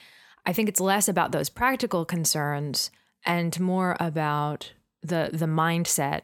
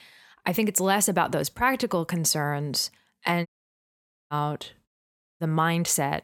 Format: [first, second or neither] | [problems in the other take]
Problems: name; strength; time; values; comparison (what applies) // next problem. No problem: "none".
first | audio cutting out; at 3.5 s for 1 s and at 5 s for 0.5 s